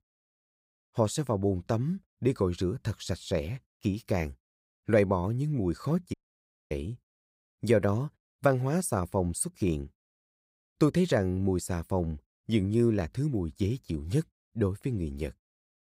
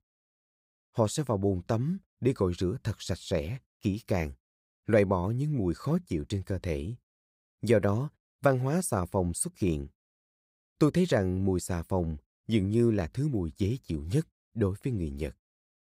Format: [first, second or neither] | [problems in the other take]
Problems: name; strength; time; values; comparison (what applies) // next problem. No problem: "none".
second | audio cutting out; at 6 s for 0.5 s